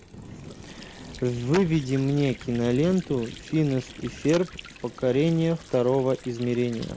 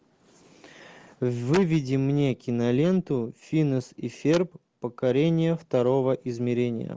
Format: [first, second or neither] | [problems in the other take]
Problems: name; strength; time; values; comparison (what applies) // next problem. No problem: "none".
second | background sound (Thunder / Rain + Sink (filling or washing) / Water); 17 dB below the speech